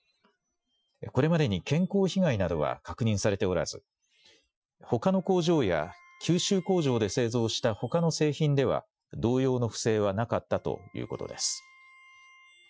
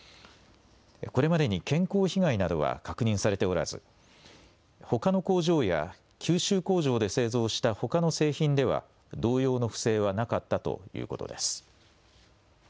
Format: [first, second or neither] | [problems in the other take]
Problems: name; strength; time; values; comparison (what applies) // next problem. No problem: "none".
second | noise reduction (classical method Wiener filter)